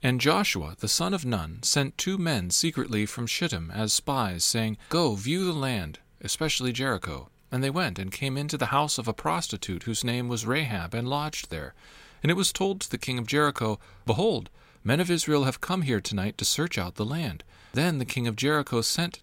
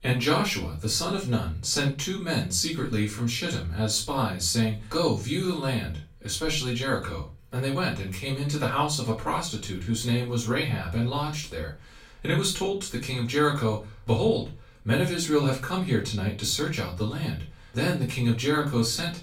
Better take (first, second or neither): first